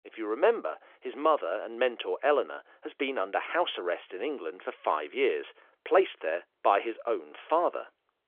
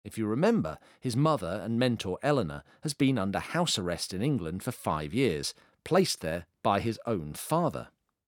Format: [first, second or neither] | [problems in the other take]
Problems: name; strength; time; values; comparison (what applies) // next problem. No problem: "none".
second | phone-call audio; nothing above 3.5 kHz